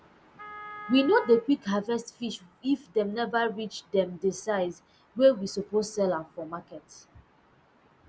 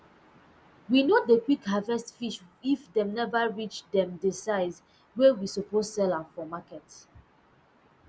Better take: second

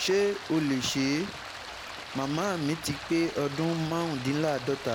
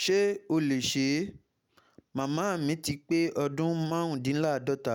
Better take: second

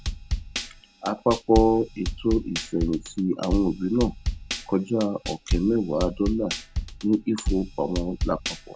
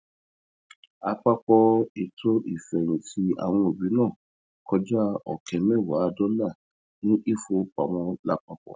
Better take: second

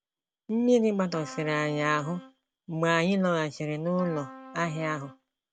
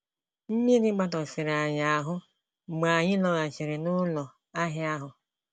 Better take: second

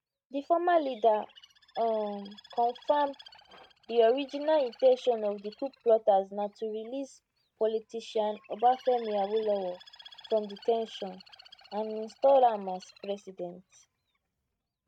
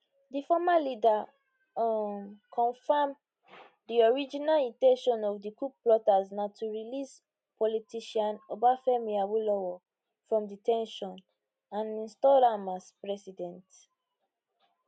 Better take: second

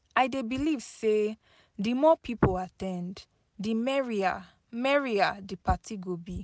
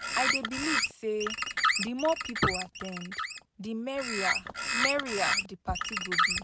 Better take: first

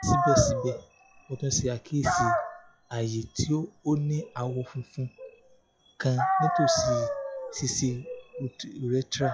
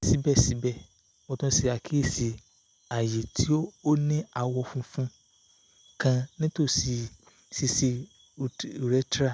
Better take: second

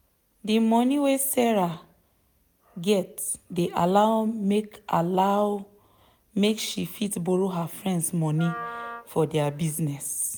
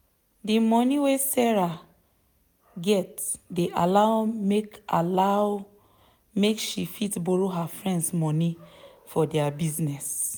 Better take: second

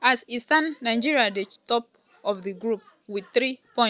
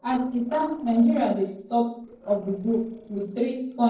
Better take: first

